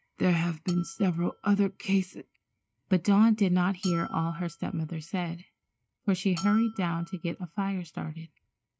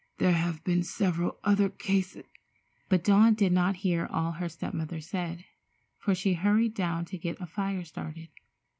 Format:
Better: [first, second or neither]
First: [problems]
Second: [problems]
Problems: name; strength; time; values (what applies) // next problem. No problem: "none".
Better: second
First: noise reduction (neural mask model RNNoise)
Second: none